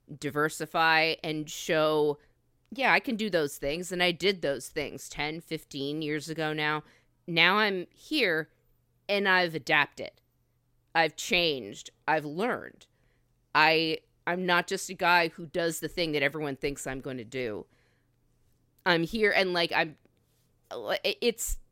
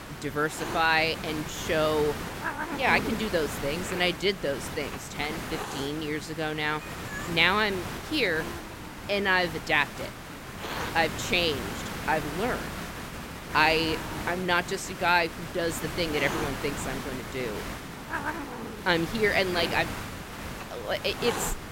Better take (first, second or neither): first